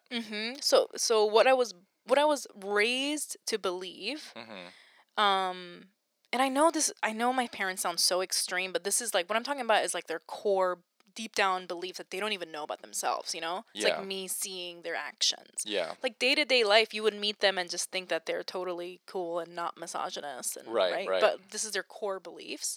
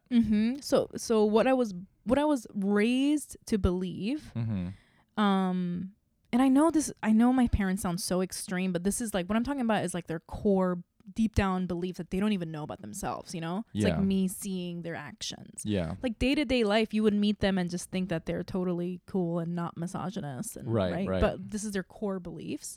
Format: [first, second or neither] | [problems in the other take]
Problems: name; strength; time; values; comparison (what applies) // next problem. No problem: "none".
second | thin; very; fading below 500 Hz